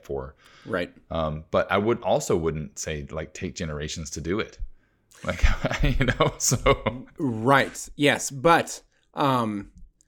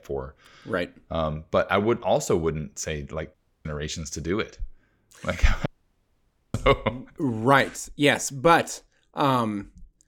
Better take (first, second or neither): first